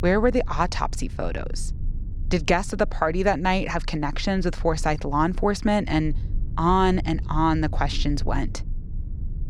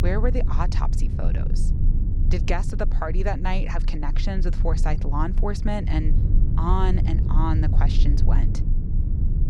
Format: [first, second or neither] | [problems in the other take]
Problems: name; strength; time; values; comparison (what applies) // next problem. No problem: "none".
first | low rumble; loud; throughout; 9 dB below the speech; faint in the first